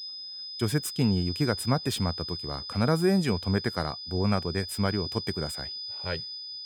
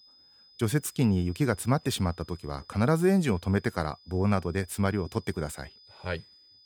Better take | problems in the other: second | high-pitched whine; loud; throughout; 5 kHz, 6 dB below the speech; faint in the second

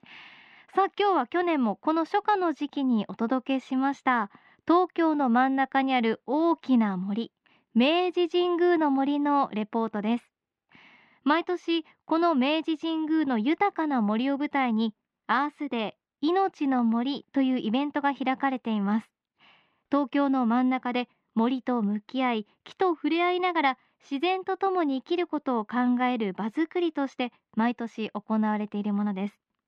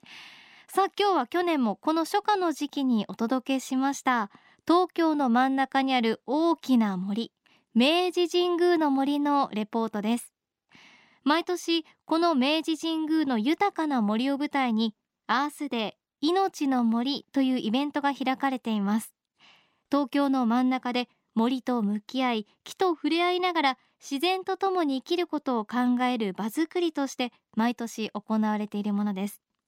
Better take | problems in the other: second | muffled; slightly; fading above 2.5 kHz

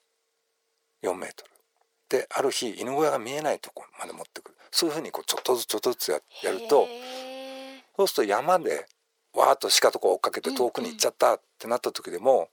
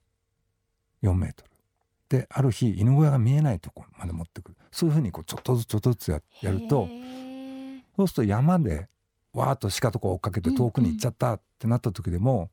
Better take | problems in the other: second | thin; very; fading below 450 Hz

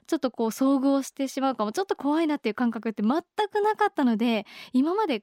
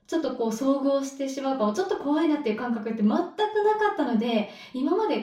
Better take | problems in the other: first | room echo; slight; dies away in 0.4 s // off-mic speech; far

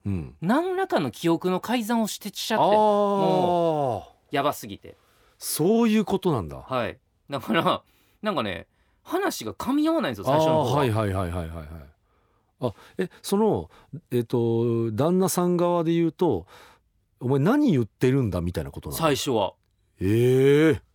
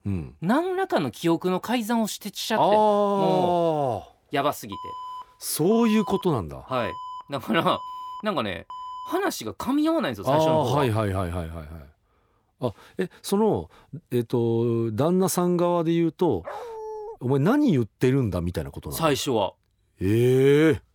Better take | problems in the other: first | alarm; faint; from 4.5 to 9 s; peak 10 dB below the speech // dog barking; faint; at 16 s; peak 10 dB below the speech

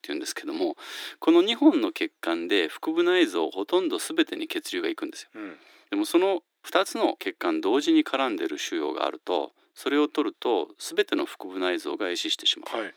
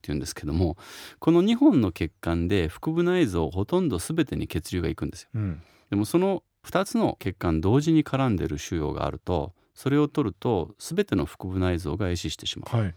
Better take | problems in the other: second | thin; somewhat; fading below 300 Hz

